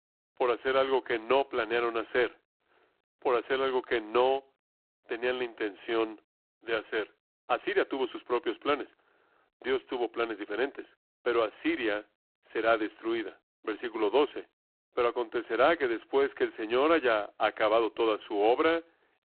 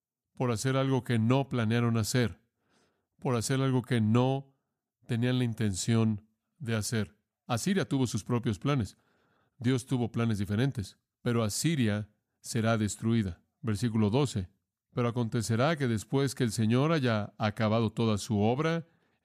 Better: second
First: phone-call audio; poor line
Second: none

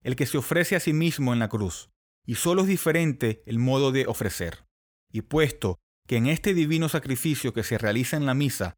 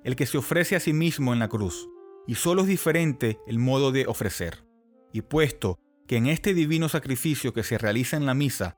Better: first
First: none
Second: background music; faint; throughout; 25 dB below the speech

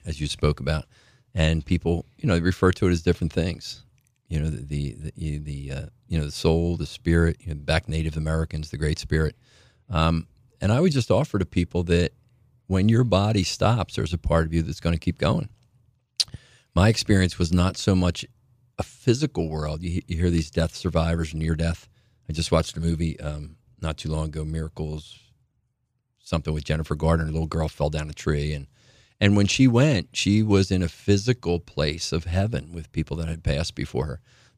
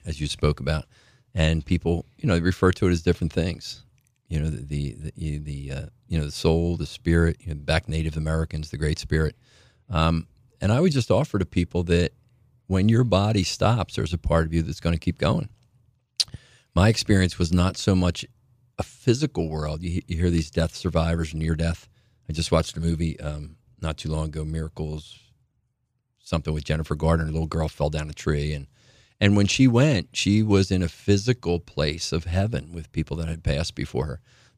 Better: neither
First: none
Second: none

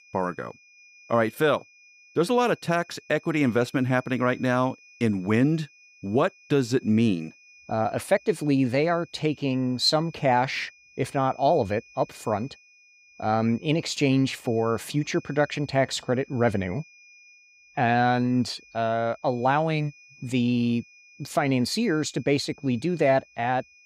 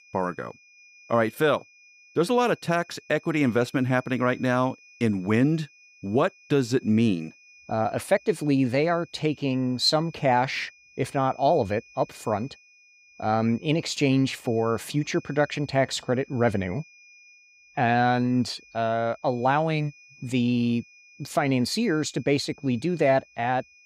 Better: neither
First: high-pitched whine; faint; throughout; 2.5 kHz, 25 dB below the speech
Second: high-pitched whine; faint; throughout; 2.5 kHz, 25 dB below the speech

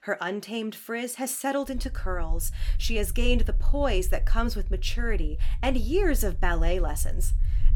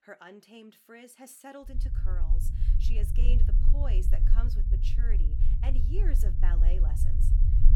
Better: first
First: low rumble; faint; from 1.5 s on; 25 dB below the speech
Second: low rumble; loud; from 1.5 s on; 3 dB below the speech

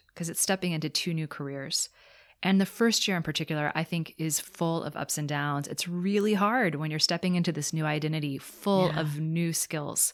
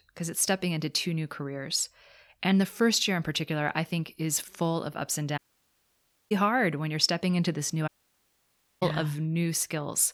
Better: first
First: none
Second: audio cutting out; at 5.5 s for 1 s and at 8 s for 1 s

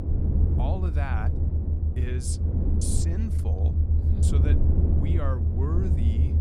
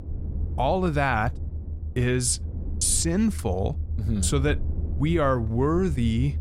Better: second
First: low rumble; loud; throughout; 1 dB below the speech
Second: low rumble; faint; throughout; 20 dB below the speech

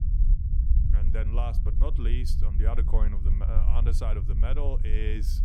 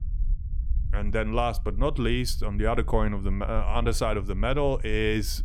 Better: second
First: low rumble; loud; throughout; 7 dB below the speech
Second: low rumble; faint; throughout; 25 dB below the speech

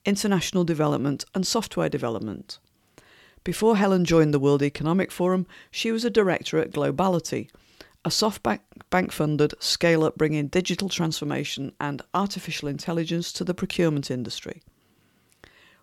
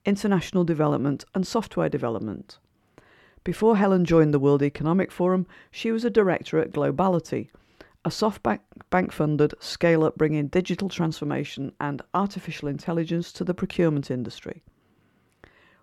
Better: first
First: none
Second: muffled; slightly; fading above 2.5 kHz

